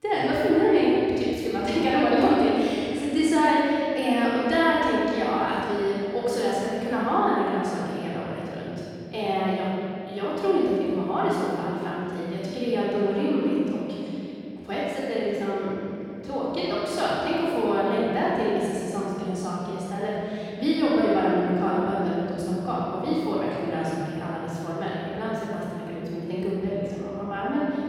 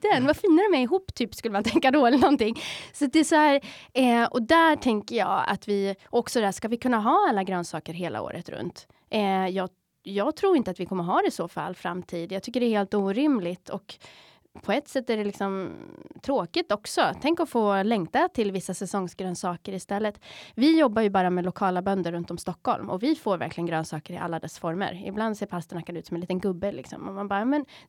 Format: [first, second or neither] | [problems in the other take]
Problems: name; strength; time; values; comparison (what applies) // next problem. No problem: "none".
second | off-mic speech; far // room echo; strong; dies away in 3 s